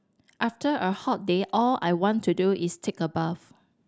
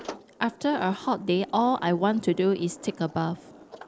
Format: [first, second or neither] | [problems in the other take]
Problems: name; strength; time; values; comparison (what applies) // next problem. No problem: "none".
first | background sound (Sliding door); 17 dB below the speech